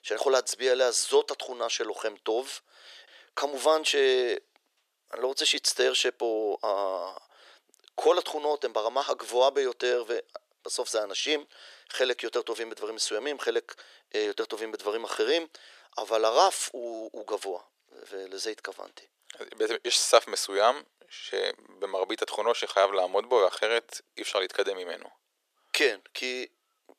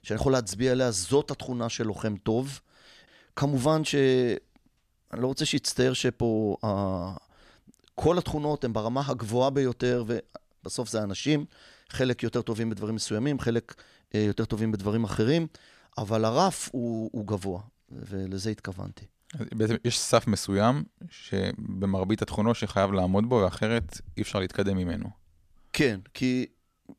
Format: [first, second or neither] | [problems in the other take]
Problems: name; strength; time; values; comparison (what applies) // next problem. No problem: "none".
second | thin; very; fading below 400 Hz